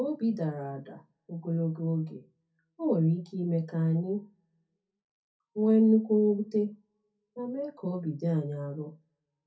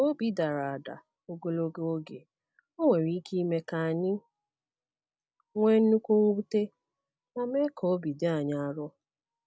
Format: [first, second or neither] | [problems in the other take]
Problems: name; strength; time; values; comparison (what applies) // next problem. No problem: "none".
second | room echo; dies away in 0.3 s